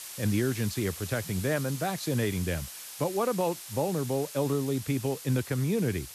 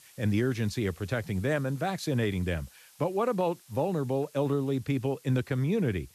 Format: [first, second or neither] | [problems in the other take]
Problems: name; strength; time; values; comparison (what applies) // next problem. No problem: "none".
second | hiss; loud; throughout; 10 dB below the speech; faint in the second